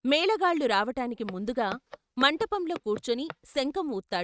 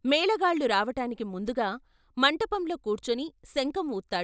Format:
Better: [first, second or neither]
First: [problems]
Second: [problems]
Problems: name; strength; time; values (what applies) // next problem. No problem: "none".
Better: second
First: noise reduction (neural mask model RNNoise)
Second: none